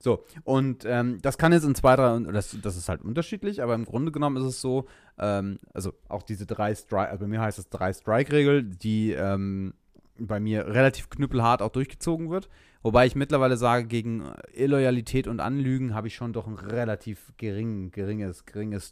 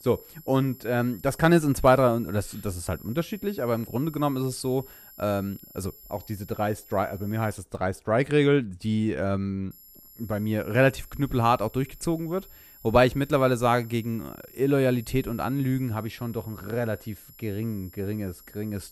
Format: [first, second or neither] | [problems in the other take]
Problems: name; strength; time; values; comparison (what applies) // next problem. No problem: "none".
first | high-pitched whine; faint; until 7.5 s and from 9.5 s on; 12 kHz, 20 dB below the speech